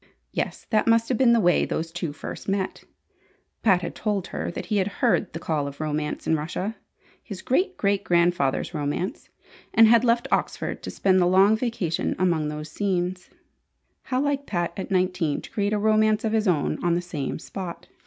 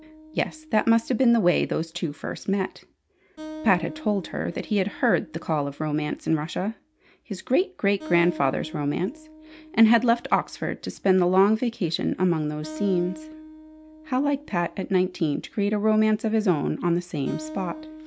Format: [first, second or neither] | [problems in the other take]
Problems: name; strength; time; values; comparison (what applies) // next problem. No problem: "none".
first | background sound (Acoustic guitar); 18 dB below the speech